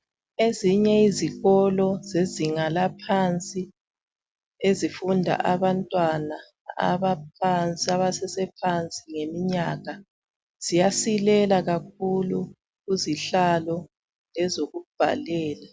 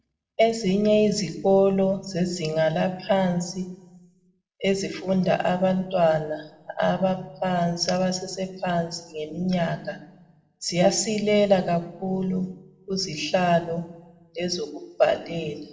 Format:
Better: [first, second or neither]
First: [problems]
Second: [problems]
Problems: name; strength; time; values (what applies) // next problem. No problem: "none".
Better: first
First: none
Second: room echo; dies away in 0.6 s